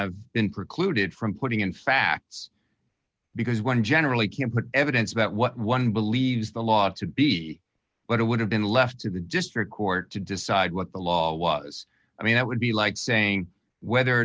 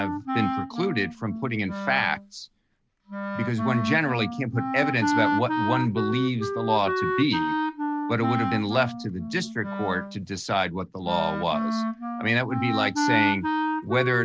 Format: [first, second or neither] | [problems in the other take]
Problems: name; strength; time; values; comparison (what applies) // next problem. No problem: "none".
first | background sound (Wind instrument, woodwind instrument); 2 dB below the speech